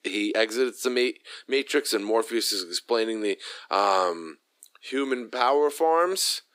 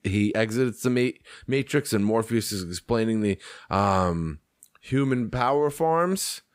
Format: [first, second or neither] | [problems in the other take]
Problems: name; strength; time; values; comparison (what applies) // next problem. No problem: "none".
second | thin; somewhat; fading below 300 Hz